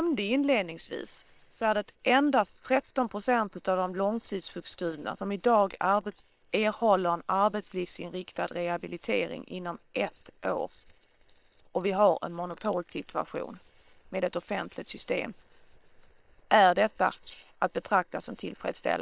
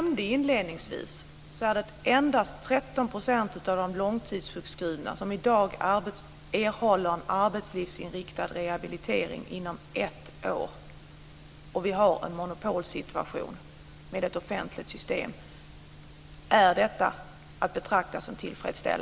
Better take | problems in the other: second | noise reduction (neural separator model SepFormer WHAM!)

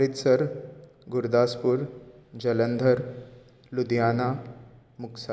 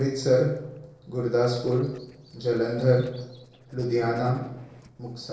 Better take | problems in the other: first | noise reduction (neural separator model SepFormer DNS4)

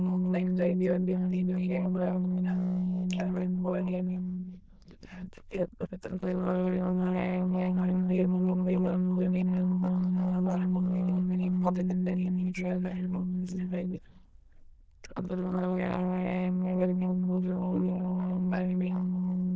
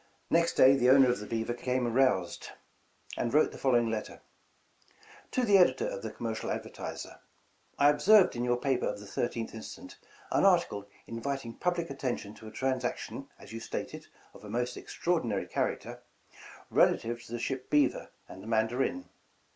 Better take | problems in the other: second | noise reduction (neural diffusion model UNIVERSE++)

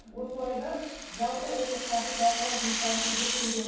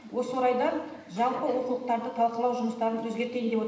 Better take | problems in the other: second | background sound (Rattle (instrument)); 2 dB below the speech // room echo; dies away in 0.7 s

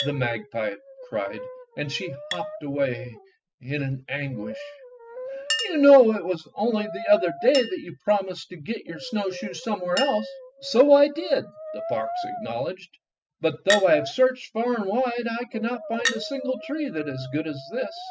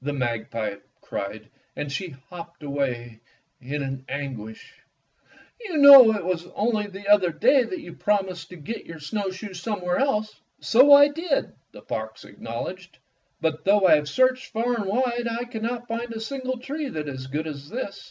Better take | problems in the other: second | noise reduction (classical method spectral subtraction)

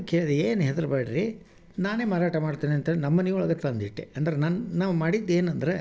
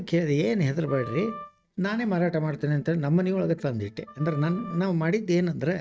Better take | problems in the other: first | noise reduction (neural mask model RNNoise)

